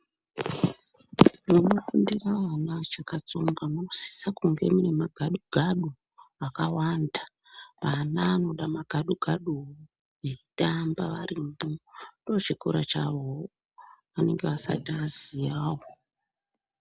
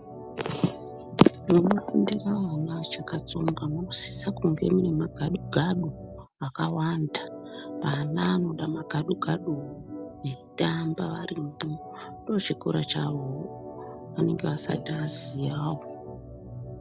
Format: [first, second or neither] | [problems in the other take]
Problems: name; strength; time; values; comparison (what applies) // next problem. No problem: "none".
first | background sound (Organ); 12 dB below the speech